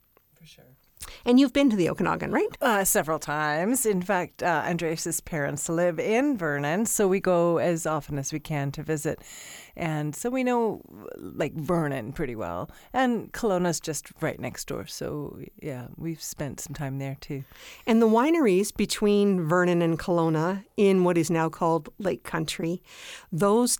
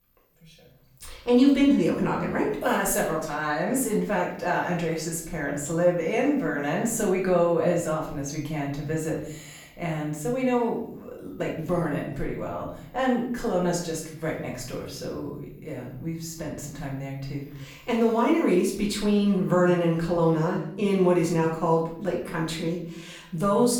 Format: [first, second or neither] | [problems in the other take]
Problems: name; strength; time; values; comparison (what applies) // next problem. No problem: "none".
first | room echo; noticeable; dies away in 0.7 s // off-mic speech; far